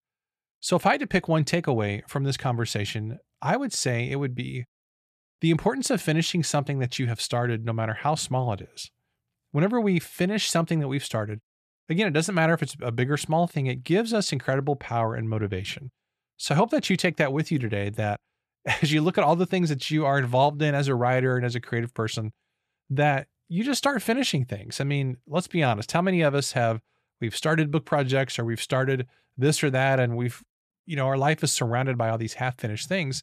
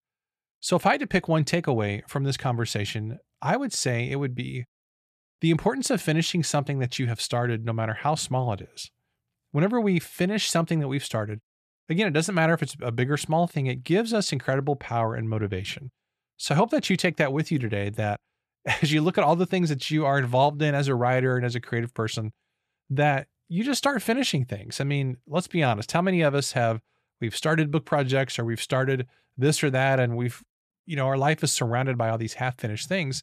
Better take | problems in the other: neither | none

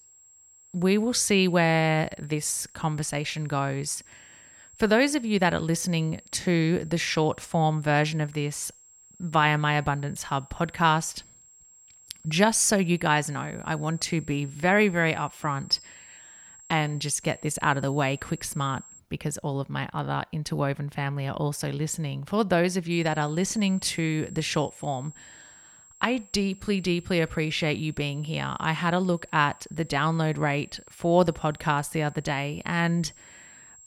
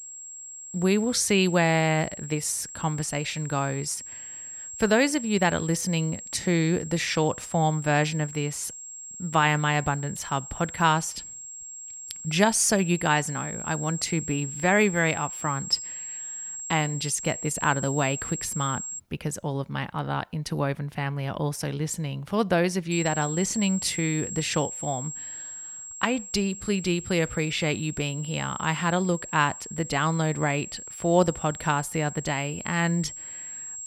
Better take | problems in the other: first | high-pitched whine; loud; until 19 s and from 23 s on; 7.5 kHz, 9 dB below the speech; faint in the first

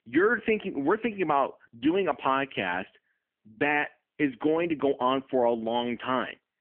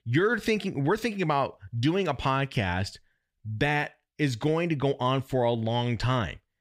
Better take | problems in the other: second | phone-call audio; poor line; nothing above 3 kHz

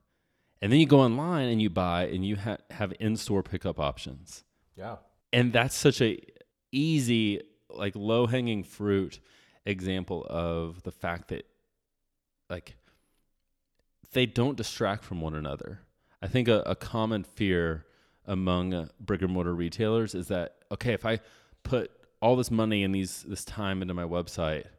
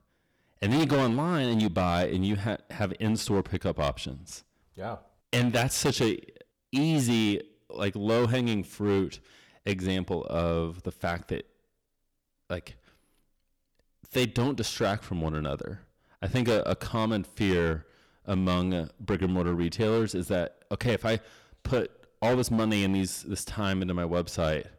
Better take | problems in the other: first | distortion; heavy; 8% of the sound clipped

